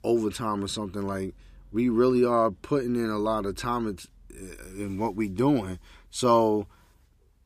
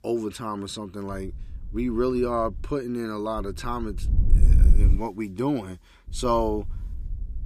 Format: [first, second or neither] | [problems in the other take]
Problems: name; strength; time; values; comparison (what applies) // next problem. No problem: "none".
first | wind noise on the microphone; occasional gusts; from 1 to 2.5 s, from 3.5 to 5 s and from 6 s on; 15 dB below the speech